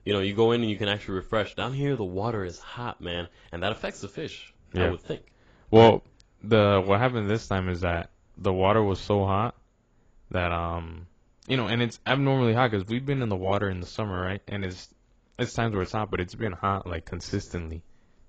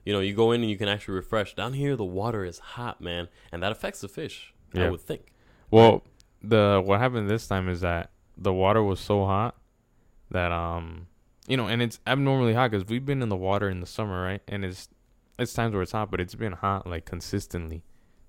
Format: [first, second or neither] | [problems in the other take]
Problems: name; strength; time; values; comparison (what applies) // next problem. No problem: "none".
second | garbled, watery; badly; nothing above 7.5 kHz